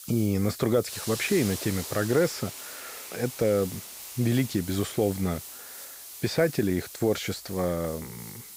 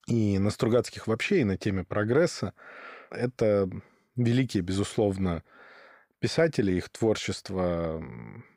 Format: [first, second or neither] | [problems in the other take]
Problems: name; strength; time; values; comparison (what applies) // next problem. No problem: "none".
second | hiss; noticeable; throughout; 10 dB below the speech